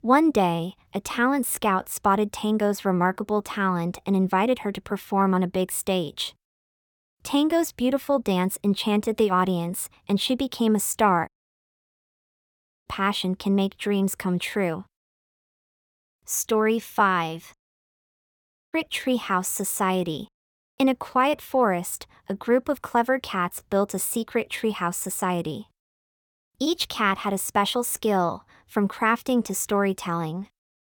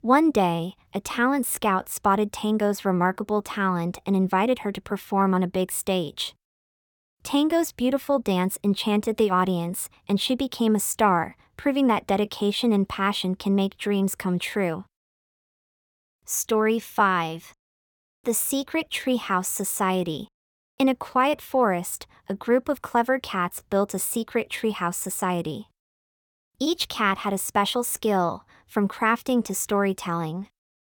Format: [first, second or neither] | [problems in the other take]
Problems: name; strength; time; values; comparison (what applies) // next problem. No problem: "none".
second | audio cutting out; at 11 s for 1.5 s and at 18 s for 0.5 s